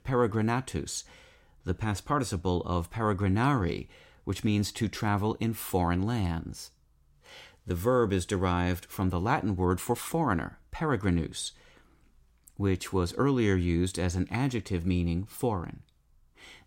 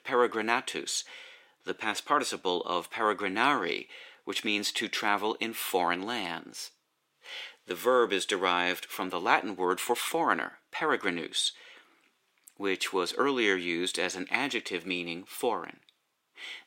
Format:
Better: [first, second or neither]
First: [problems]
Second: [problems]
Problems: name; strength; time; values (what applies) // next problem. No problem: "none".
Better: first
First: none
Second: thin; somewhat; fading below 350 Hz